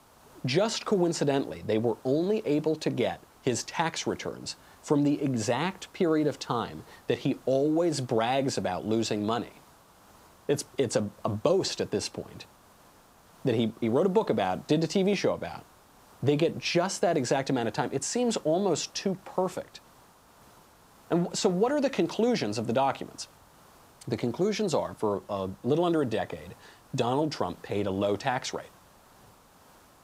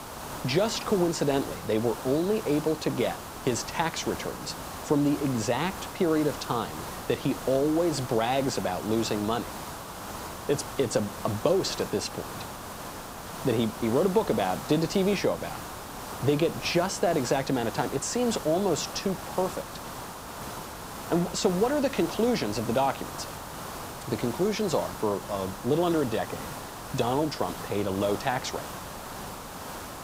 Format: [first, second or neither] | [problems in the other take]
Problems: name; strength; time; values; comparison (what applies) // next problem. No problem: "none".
first | hiss; loud; throughout; 10 dB below the speech; faint in the first